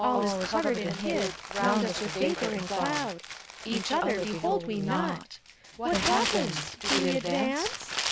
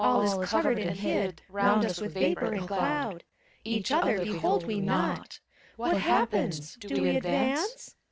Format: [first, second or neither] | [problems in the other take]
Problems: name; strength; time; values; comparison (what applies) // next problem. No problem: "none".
second | background sound (Crumpling, crinkling); 7 dB below the speech